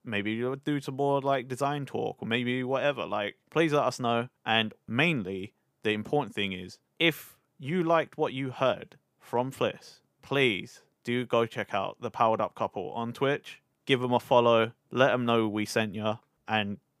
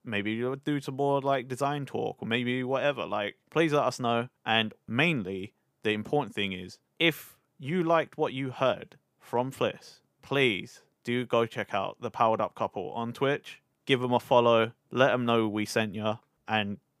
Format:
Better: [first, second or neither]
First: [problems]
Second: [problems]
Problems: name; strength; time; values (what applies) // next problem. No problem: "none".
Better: neither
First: none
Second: none